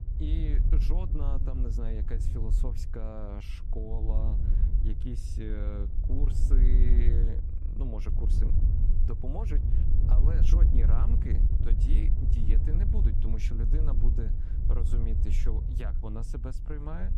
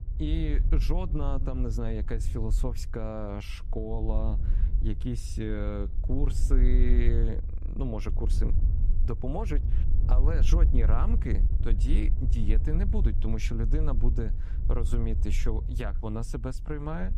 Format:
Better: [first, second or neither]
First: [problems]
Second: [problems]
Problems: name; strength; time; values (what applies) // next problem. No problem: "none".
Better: second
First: wind noise on the microphone; heavy; 3 dB below the speech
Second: wind noise on the microphone; occasional gusts; 10 dB below the speech